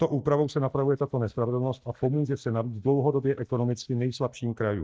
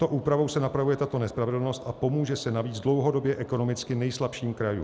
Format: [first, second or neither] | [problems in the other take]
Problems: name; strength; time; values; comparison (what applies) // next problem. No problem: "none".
second | noise reduction (neural mask model DeepFilterNet 3)